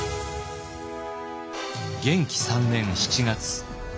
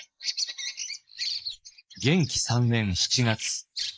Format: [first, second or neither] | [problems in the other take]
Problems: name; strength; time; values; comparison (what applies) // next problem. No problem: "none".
first | noise reduction (neural mask model Resemble Enhance denoiser)